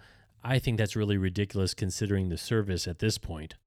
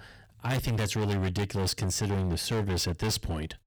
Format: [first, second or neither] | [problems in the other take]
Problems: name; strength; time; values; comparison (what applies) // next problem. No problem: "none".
first | distortion; heavy; 28% of the sound clipped